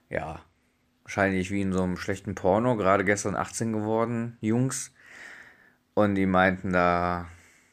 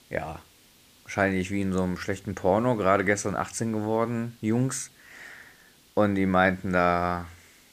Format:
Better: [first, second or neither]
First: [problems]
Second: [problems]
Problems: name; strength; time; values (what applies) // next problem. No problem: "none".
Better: first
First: none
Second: hiss; faint; throughout; 30 dB below the speech